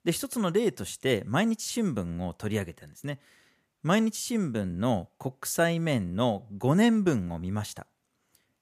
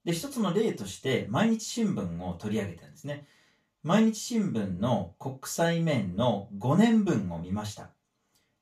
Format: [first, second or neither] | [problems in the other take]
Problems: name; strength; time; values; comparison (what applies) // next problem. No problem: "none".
first | room echo; slight; dies away in 0.2 s // off-mic speech; far